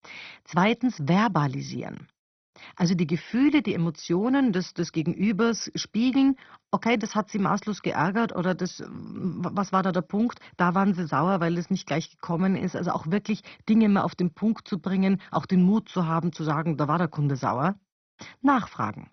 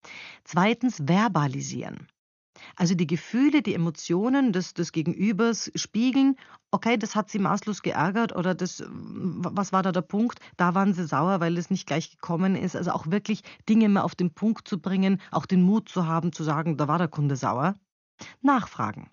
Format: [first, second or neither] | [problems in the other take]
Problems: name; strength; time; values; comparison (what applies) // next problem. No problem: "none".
second | garbled, watery; badly; nothing above 6 kHz; slightly in the second